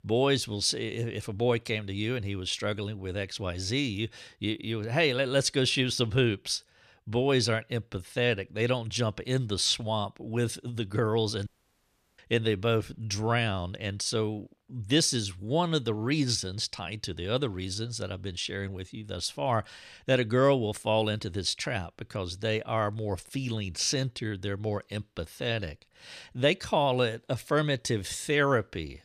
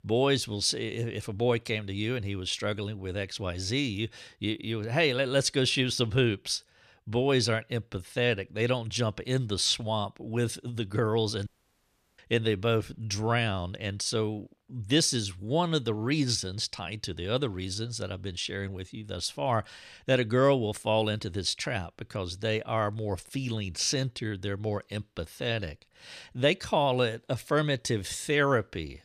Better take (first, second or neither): neither